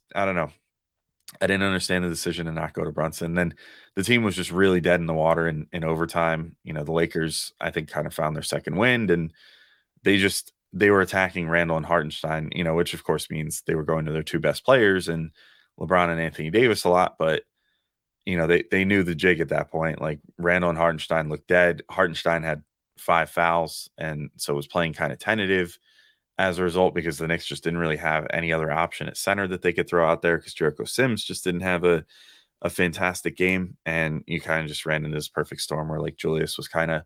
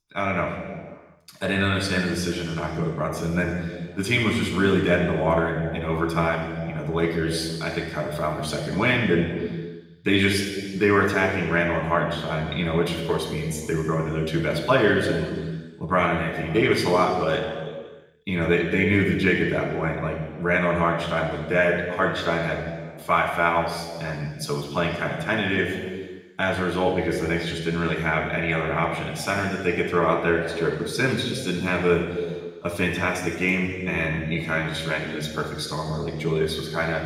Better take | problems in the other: first | room echo; noticeable; dies away in 1.6 s // off-mic speech; somewhat distant

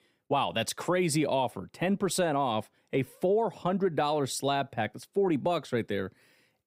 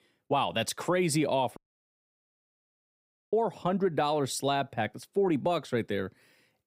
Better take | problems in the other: first | audio cutting out; at 1.5 s for 2 s

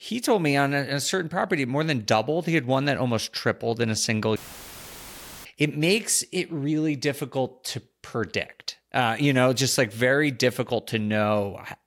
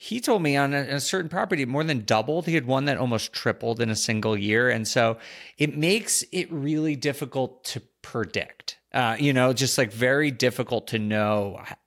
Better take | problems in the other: second | audio cutting out; filled with static; at 4.5 s for 1 s

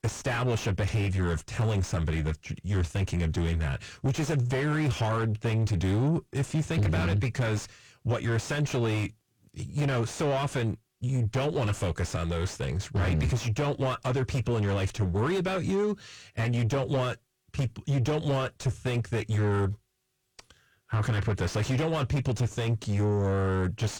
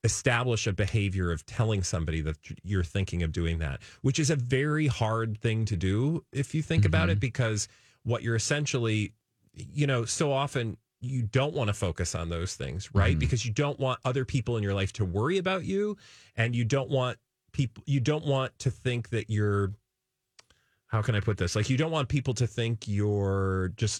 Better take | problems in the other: second | distortion; heavy; 6 dB below the speech

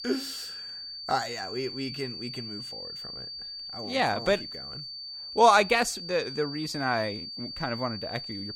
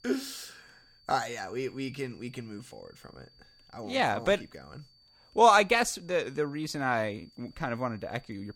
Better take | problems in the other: second | high-pitched whine; loud; throughout; 4.5 kHz, 9 dB below the speech; faint in the second

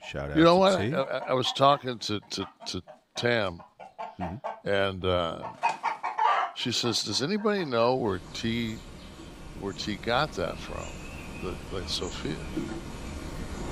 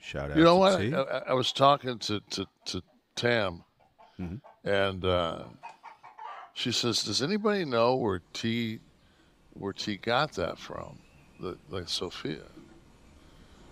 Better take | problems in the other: second | animal sounds; loud; throughout; 9 dB below the speech; faint in the second

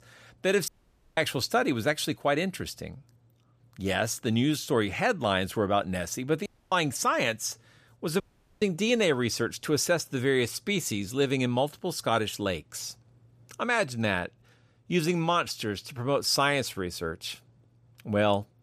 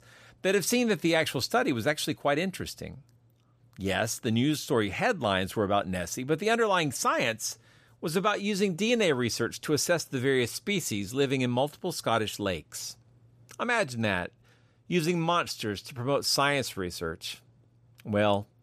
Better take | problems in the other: second | audio cutting out; at 0.5 s, at 6.5 s and at 8 s

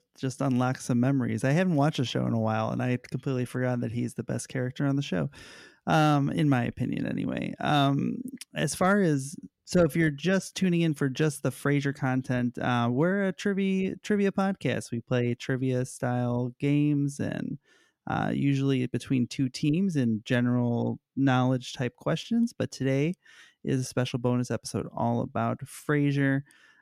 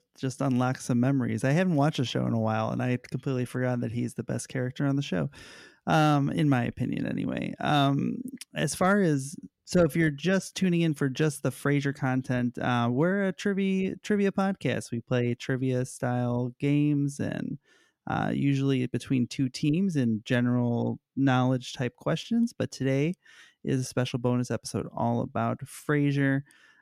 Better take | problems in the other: neither | none

